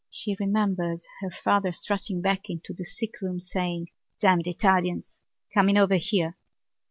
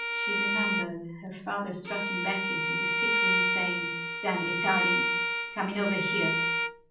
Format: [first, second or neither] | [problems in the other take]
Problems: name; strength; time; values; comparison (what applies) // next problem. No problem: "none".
first | background sound (Bowed string instrument); 4 dB above the speech // room echo; dies away in 0.6 s